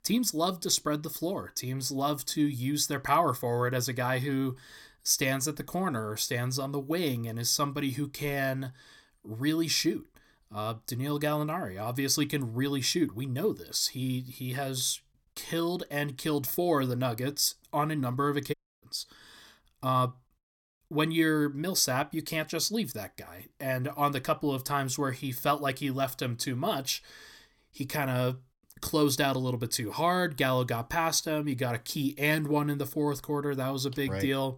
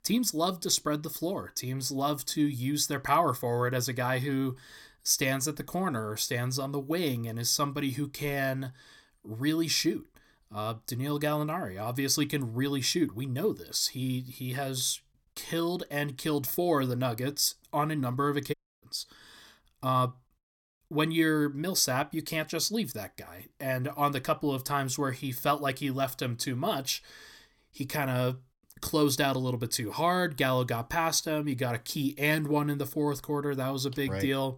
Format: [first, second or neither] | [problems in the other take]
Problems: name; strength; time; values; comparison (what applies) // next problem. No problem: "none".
neither | audio cutting out; at 19 s; the same in both